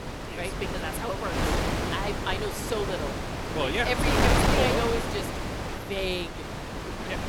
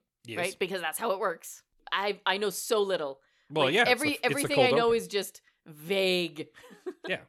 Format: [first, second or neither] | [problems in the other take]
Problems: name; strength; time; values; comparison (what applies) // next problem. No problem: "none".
second | wind noise on the microphone; heavy; 1 dB above the speech